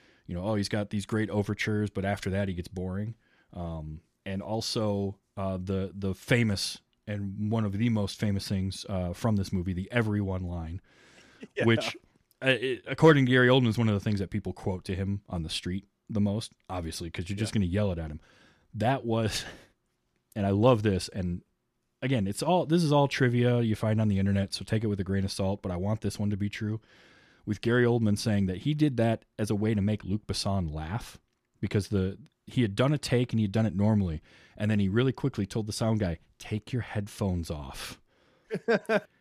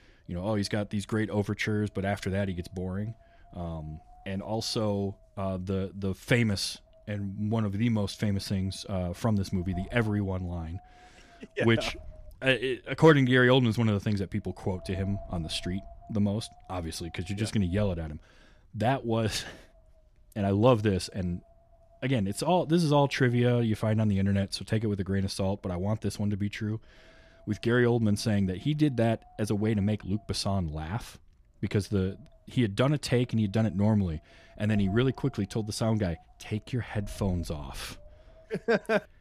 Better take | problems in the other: first | wind noise on the microphone; occasional gusts; 25 dB below the speech

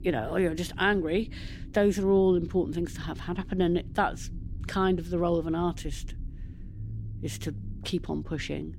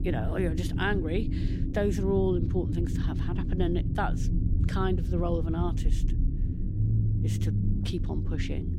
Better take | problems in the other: first | low rumble; loud; throughout; 8 dB below the speech; faint in the first

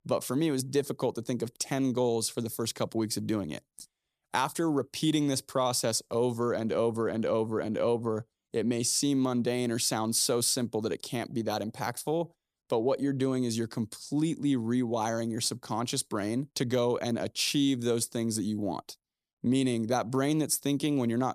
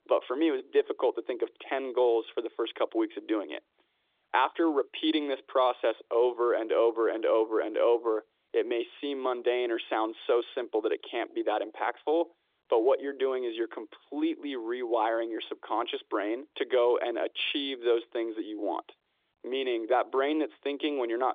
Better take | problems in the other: first | phone-call audio

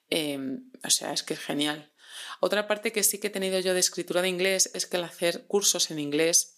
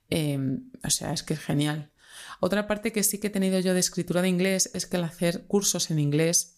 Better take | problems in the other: second | thin; somewhat; fading below 300 Hz

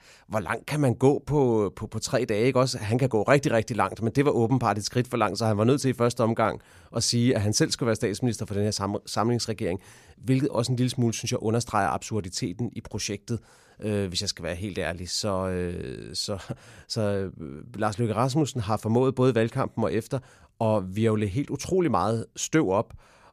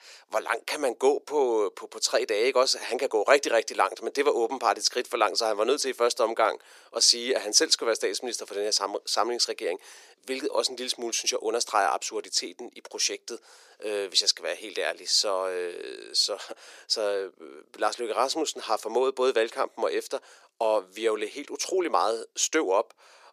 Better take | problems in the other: first | thin; very; fading below 350 Hz

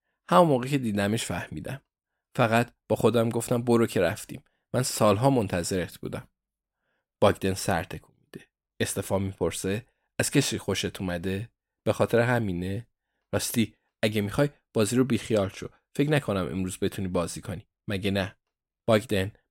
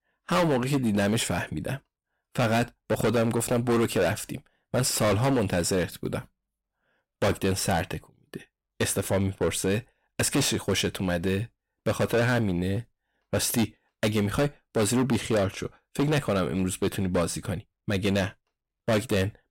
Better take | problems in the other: first | distortion; heavy; 12% of the sound clipped

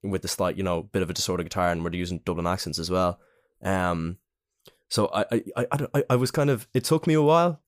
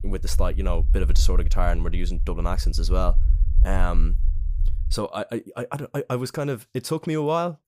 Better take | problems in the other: first | low rumble; noticeable; until 5 s; 20 dB below the speech

